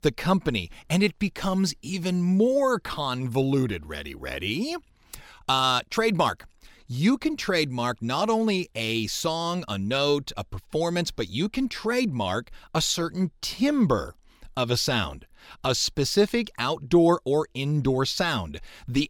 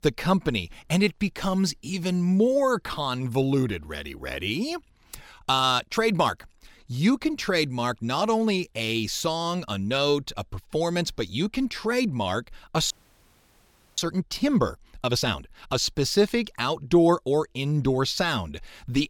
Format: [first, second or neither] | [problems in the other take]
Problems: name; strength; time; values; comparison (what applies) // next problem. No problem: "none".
first | audio freezing; at 13 s for 1 s